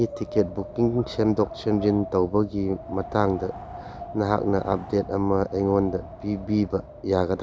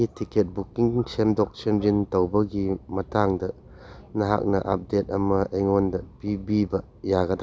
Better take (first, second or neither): second